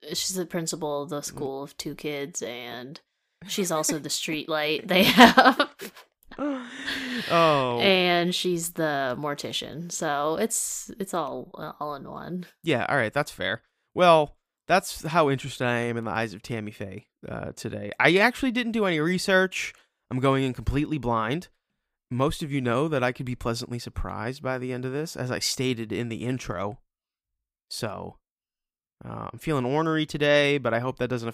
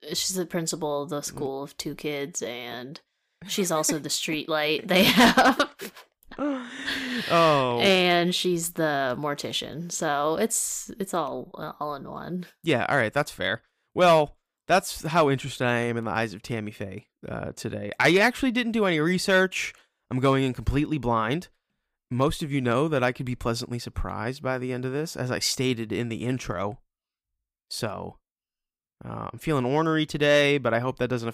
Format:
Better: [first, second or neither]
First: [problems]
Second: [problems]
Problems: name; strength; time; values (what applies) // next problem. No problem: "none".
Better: first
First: none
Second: distortion; slight; 0.7% of the sound clipped